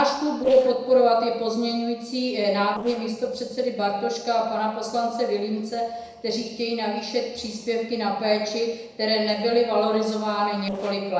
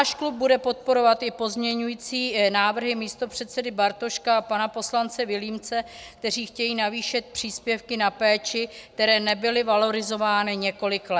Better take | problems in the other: second | noise reduction (neural separator model SepFormer DNS4)

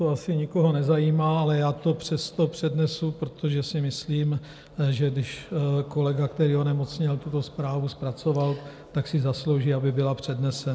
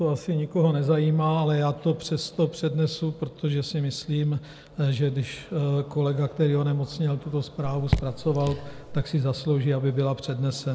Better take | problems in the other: first | background sound (Raindrop / Drip); 5 dB below the speech

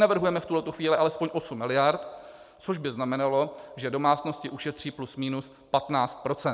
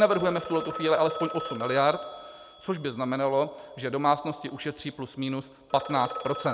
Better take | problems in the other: first | background sound (Telephone); 12 dB below the speech

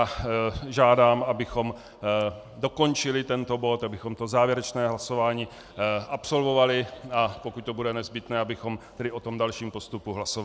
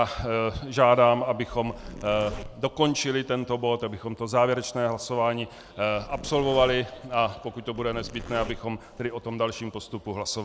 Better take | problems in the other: first | background sound (Zipper (clothing)); 14 dB below the speech

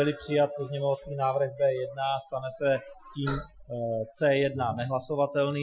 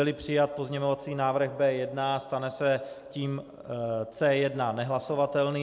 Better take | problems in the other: second | noise reduction (classical method Wiener filter)

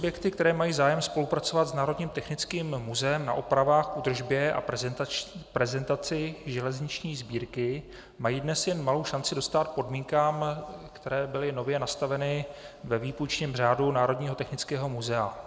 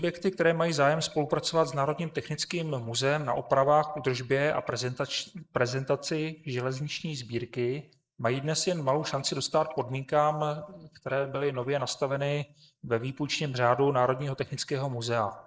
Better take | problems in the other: first | noise reduction (neural mask model Resemble Enhance denoiser)

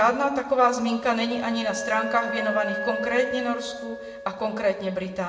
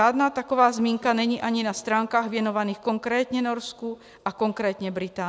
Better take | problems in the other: second | background sound (Wind instrument, woodwind instrument); 8 dB below the speech // room echo; dies away in 0.8 s

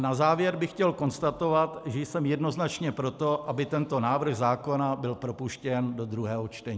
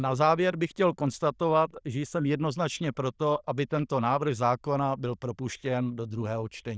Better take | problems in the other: first | noise reduction (neural diffusion model UNIVERSE++)

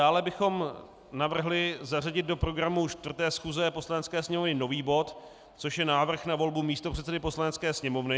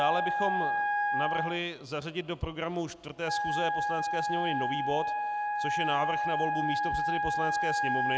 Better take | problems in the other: first | background sound (Wind instrument, woodwind instrument); 4 dB above the speech

